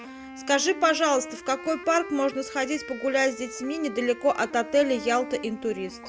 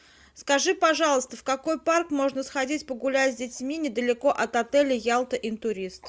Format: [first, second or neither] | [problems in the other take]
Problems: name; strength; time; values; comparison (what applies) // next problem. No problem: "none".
second | background sound (Wind instrument, woodwind instrument); 13 dB below the speech